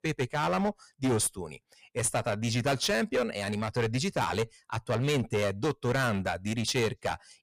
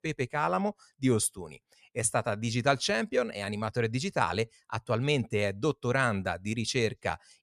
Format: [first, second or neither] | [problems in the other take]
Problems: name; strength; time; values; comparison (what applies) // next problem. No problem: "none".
second | distortion; heavy; 12% of the sound clipped